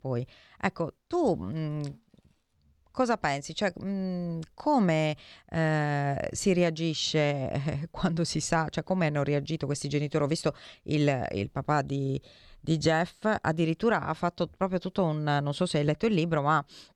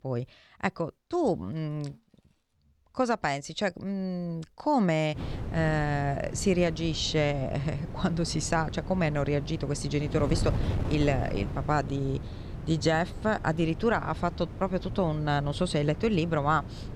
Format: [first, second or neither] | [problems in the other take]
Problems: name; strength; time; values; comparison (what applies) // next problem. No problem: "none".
first | wind noise on the microphone; occasional gusts; from 5 s on; 15 dB below the speech